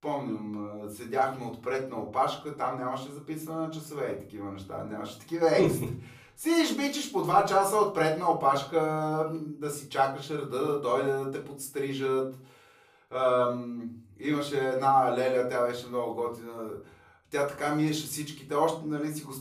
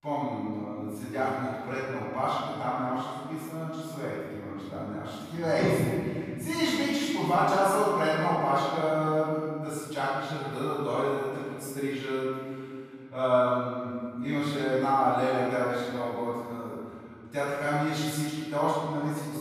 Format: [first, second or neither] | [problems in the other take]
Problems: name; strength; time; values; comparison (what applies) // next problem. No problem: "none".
first | room echo; strong; dies away in 2.5 s; slight in the first // off-mic speech; far; far in the first